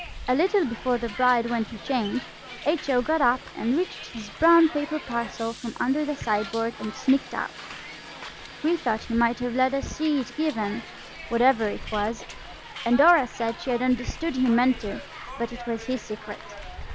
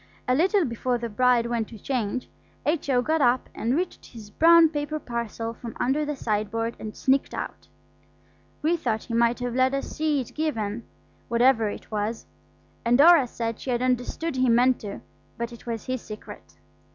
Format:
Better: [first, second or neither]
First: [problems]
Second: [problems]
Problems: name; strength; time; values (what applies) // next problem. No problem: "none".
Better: second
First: background sound (Hiss); 14 dB below the speech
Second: none